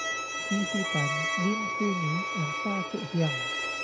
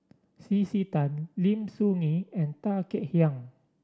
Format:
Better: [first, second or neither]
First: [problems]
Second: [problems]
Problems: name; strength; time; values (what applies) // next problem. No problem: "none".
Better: second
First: background sound (Bowed string instrument + Wind instrument, woodwind instrument); as loud as the speech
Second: none